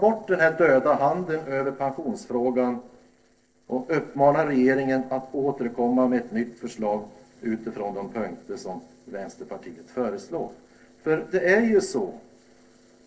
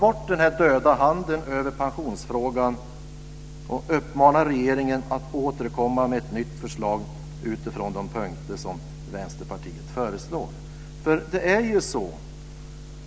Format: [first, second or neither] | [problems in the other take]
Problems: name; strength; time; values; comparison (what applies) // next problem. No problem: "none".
second | noise reduction (neural separator model SepFormer DNS4)